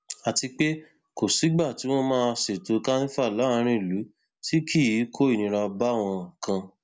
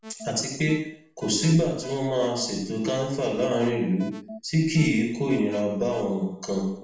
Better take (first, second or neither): first